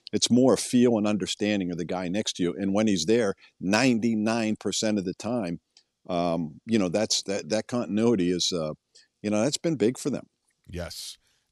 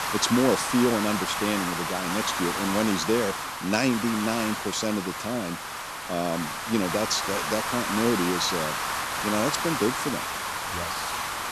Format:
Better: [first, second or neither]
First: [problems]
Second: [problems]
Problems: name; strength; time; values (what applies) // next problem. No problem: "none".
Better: first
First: none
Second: hiss; loud; throughout; 2 dB below the speech